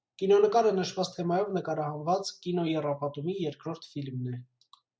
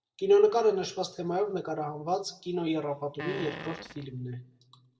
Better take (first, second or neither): first